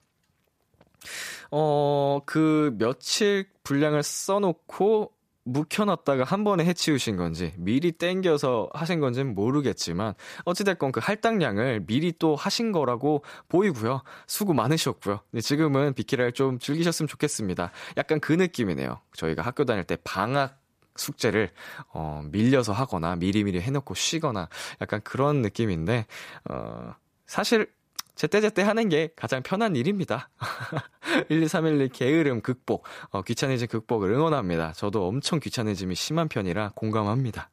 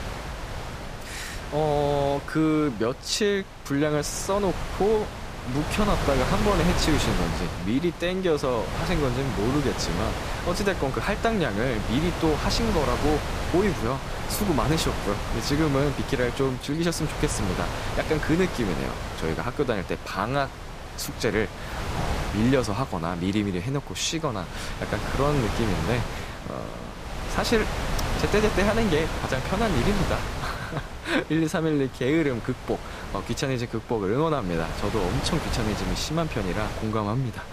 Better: first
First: none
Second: wind noise on the microphone; heavy; 5 dB below the speech

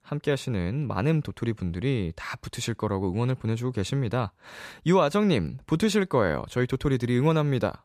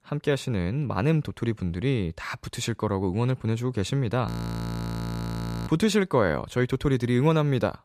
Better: first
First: none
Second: audio freezing; at 4.5 s for 1.5 s

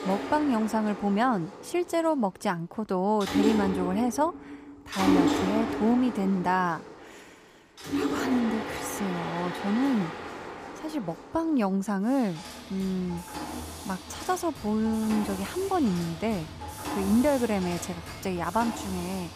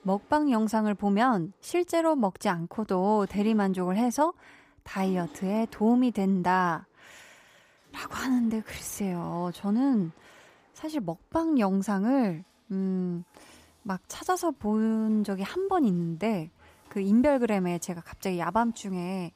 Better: second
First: machinery noise; loud; throughout; 5 dB below the speech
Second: machinery noise; faint; throughout; 30 dB below the speech

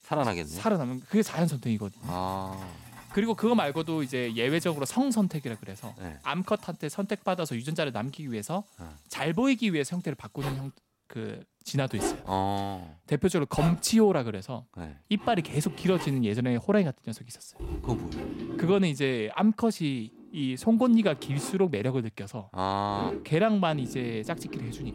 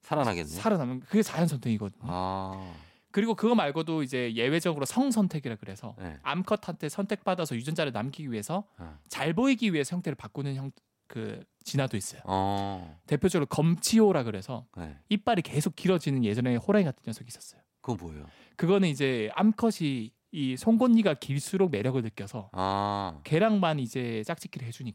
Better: second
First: household noises; noticeable; throughout; 10 dB below the speech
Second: none

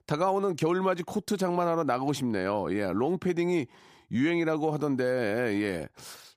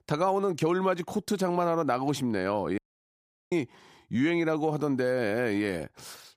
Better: first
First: none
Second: audio cutting out; at 3 s for 0.5 s

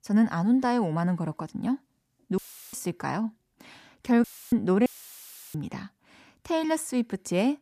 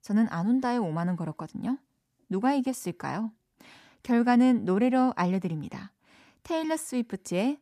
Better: second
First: audio cutting out; filled with static; at 2.5 s, at 4 s and at 5 s for 0.5 s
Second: none

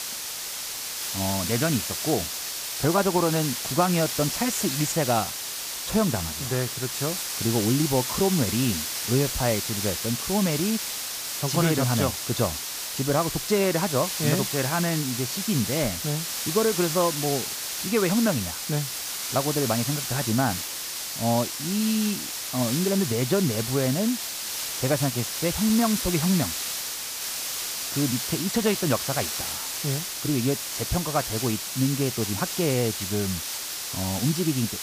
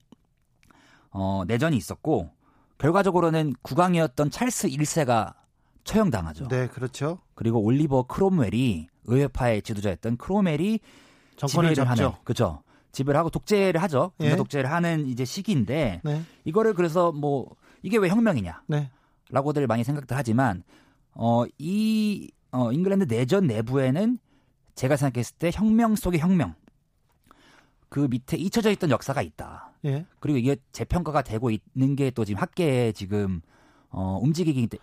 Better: second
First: hiss; loud; throughout; 2 dB below the speech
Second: none

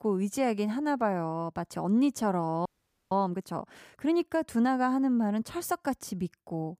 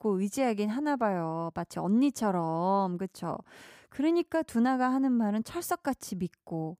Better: second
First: audio freezing; at 2.5 s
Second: none

